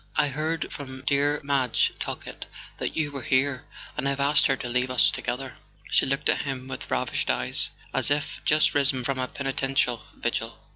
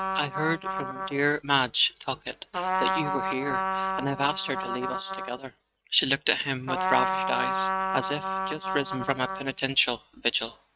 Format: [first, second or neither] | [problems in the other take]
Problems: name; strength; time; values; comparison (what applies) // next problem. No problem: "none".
first | noise reduction (neural mask model RNNoise)